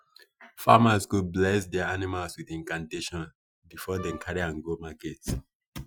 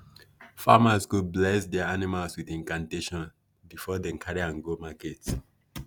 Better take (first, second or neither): second